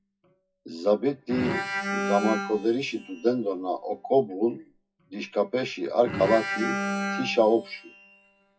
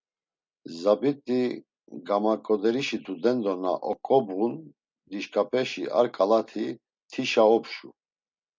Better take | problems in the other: second | noise reduction (classical method WPE with log-MMSE)

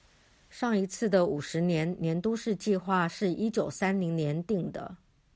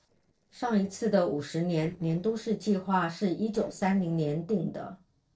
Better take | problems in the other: first | noise reduction (neural separator model SepFormer DNS4)

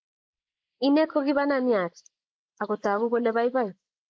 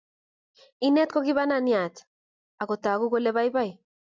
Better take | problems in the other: second | noise reduction (neural mask model Resemble Enhance denoiser)

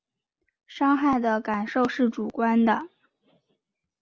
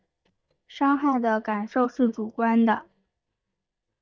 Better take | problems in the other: first | noise reduction (neural mask model DeepFilterNet 3)

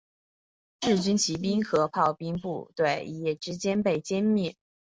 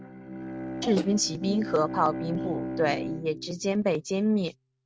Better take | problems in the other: first | noise reduction (neural mask model RNNoise)

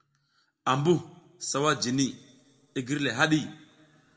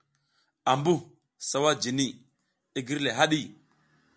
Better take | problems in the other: second | room echo; dies away in 0.5 s

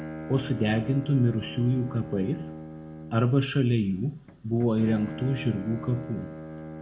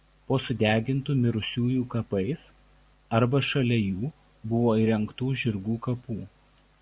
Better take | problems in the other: second | background sound (Bowed string instrument); 12 dB below the speech // room echo; dies away in 0.4 s

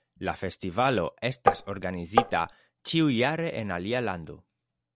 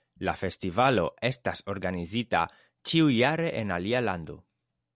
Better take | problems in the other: second | background sound (Tap); 4 dB above the speech

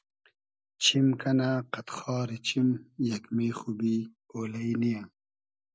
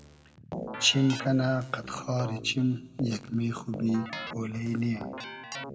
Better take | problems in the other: first | background sound (Keyboard (musical)); 11 dB below the speech // room echo; dies away in 2 s

